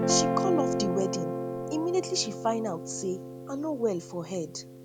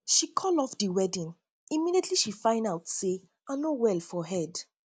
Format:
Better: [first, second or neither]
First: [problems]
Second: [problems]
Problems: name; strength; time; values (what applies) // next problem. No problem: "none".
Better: second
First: background sound (Guitar); 1 dB below the speech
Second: none